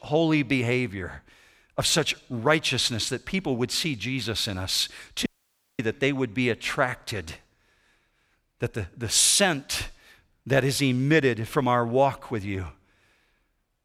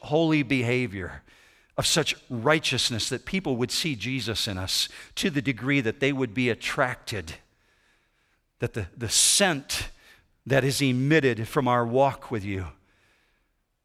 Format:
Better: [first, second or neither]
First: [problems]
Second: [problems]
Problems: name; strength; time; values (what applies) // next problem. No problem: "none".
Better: second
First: audio cutting out; at 5.5 s for 0.5 s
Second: none